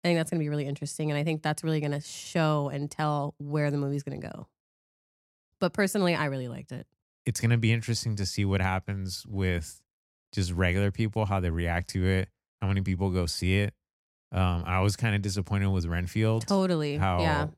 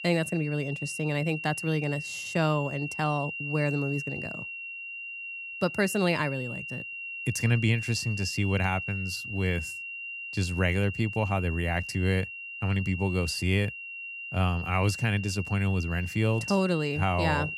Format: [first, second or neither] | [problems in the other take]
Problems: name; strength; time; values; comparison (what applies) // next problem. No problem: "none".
first | high-pitched whine; loud; throughout; 2.5 kHz, 7 dB below the speech